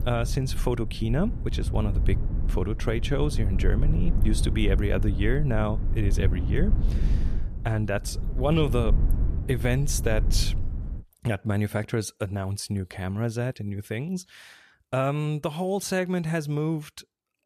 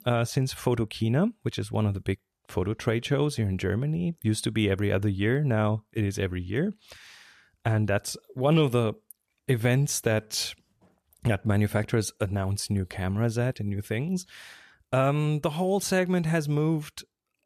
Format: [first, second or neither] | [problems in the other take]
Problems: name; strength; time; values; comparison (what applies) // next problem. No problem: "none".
second | low rumble; noticeable; until 11 s; 10 dB below the speech